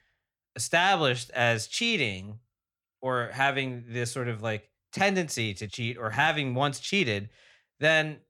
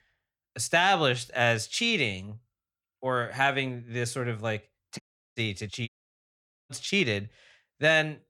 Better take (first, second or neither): first